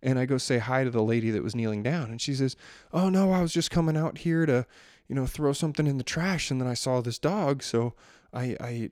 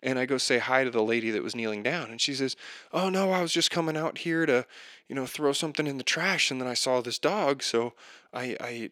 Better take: first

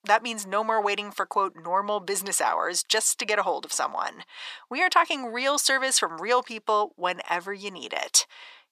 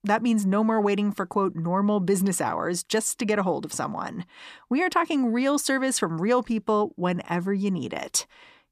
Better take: second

